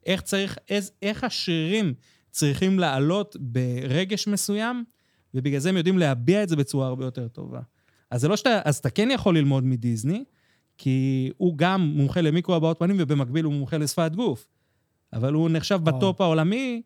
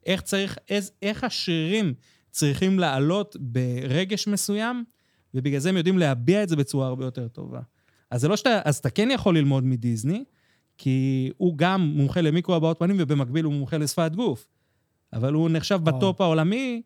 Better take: neither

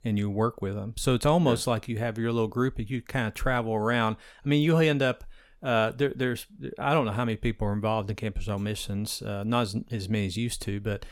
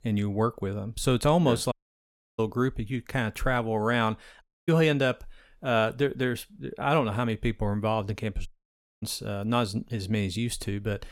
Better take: first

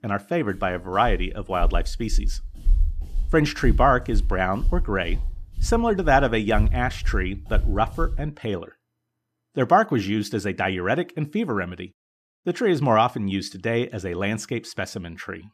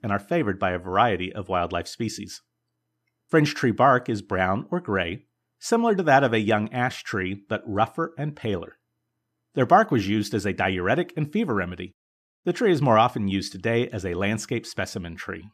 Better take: second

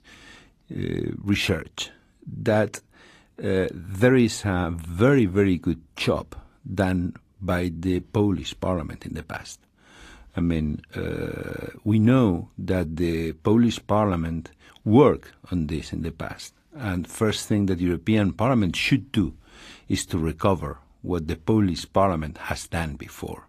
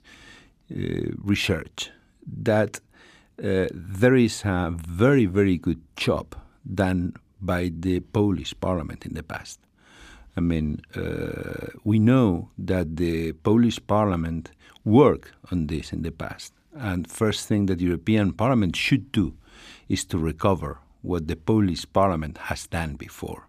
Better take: second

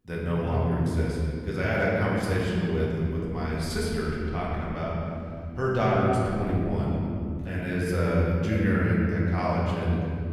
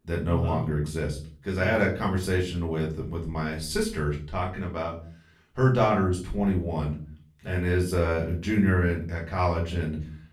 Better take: second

